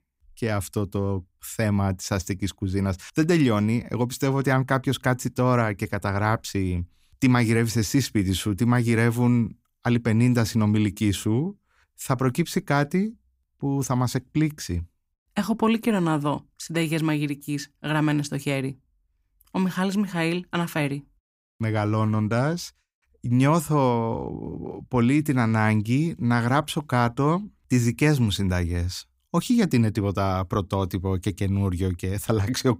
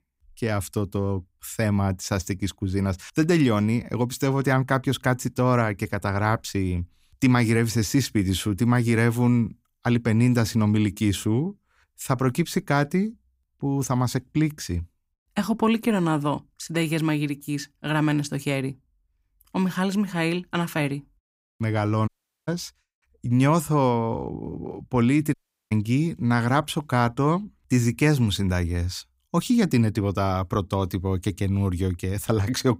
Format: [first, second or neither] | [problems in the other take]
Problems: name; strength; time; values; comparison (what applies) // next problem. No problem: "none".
first | audio cutting out; at 22 s and at 25 s